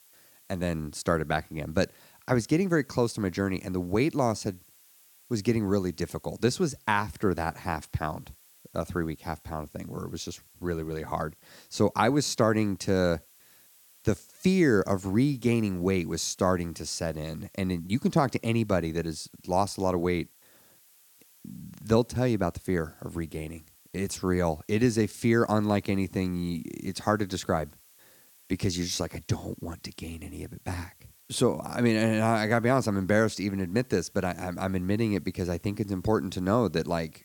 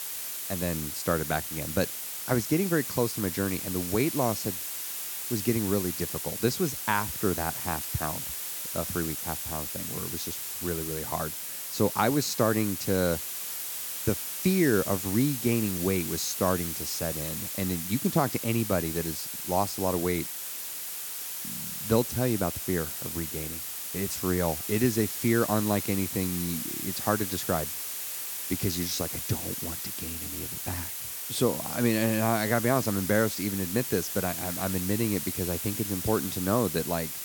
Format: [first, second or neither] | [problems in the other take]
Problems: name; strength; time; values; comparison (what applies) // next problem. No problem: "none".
first | hiss; loud; throughout; 3 dB below the speech; faint in the first